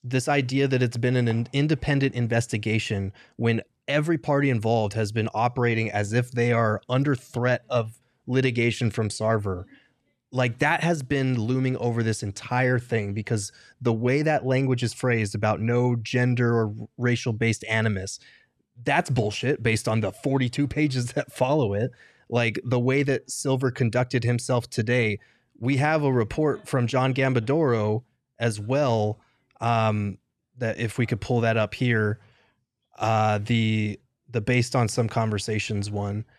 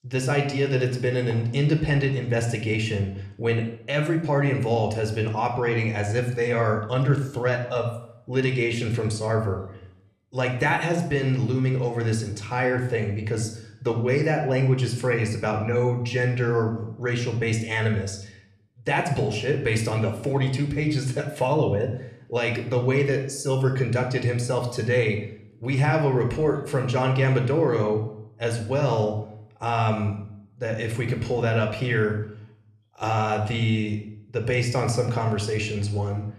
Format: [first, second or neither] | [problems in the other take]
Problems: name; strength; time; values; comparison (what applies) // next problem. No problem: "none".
first | room echo; slight; dies away in 0.6 s